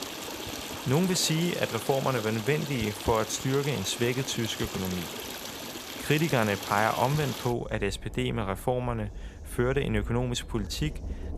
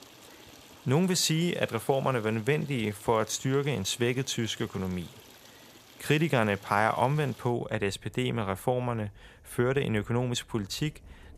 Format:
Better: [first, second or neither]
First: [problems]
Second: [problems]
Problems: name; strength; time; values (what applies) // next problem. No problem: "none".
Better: second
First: rain or running water; loud; throughout; 9 dB below the speech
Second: rain or running water; faint; throughout; 25 dB below the speech